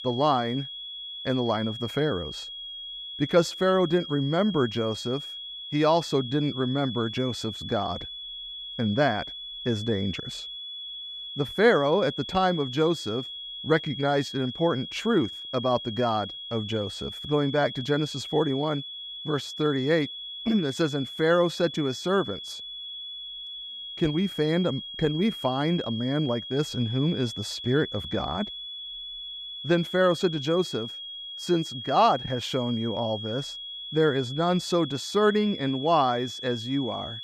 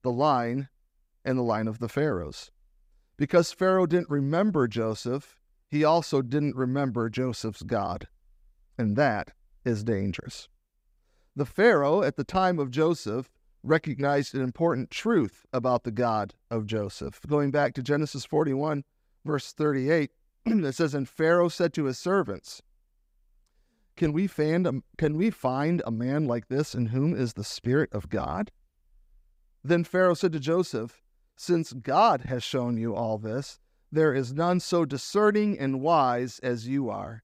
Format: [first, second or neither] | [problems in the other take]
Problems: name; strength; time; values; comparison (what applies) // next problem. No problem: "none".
second | high-pitched whine; loud; throughout; 3.5 kHz, 9 dB below the speech